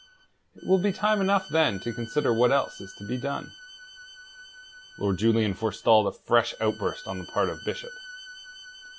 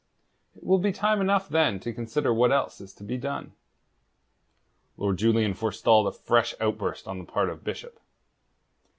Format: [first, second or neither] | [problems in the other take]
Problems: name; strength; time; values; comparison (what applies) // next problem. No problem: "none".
second | background sound (Bowed string instrument); 18 dB below the speech